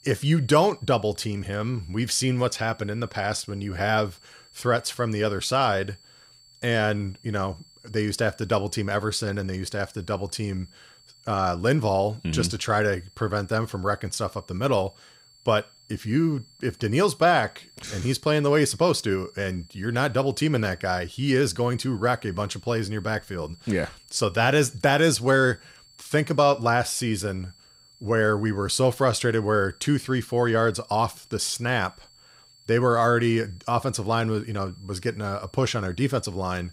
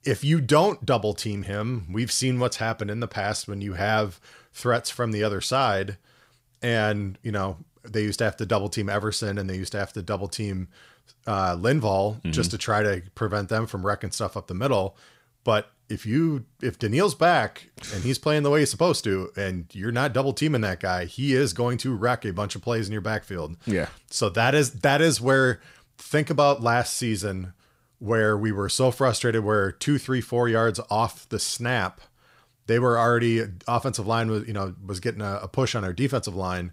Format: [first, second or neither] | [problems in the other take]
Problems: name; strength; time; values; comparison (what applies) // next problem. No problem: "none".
second | high-pitched whine; faint; throughout; 4.5 kHz, 25 dB below the speech